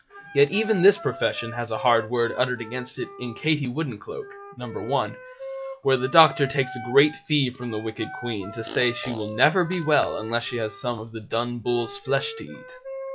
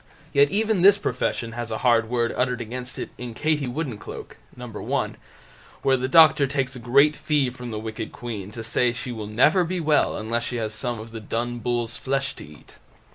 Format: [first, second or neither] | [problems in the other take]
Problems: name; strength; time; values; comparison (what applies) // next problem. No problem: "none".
second | noise reduction (classical method log-MMSE)